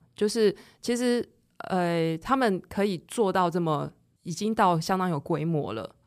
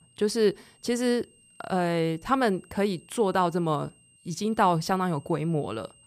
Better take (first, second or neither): first